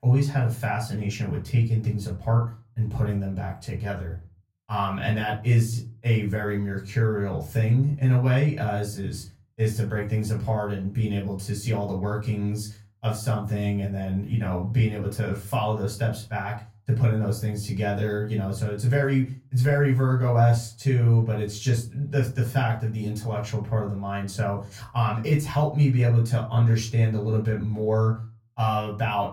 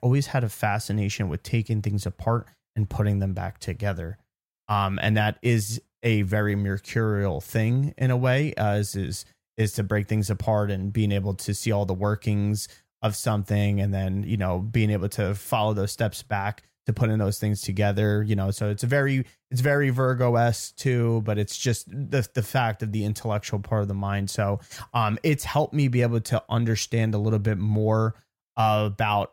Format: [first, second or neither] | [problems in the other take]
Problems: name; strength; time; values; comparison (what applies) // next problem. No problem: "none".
second | off-mic speech; far // room echo; slight; dies away in 0.3 s